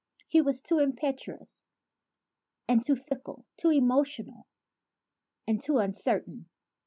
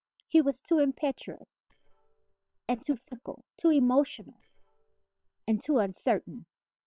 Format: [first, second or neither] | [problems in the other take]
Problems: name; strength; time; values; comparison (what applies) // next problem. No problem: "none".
first | noise reduction (neural separator model SepFormer WHAM!)